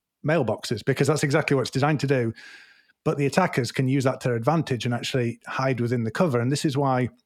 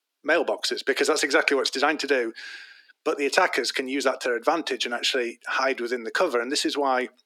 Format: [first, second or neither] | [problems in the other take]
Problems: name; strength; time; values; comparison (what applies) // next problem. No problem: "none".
first | thin; somewhat; fading below 300 Hz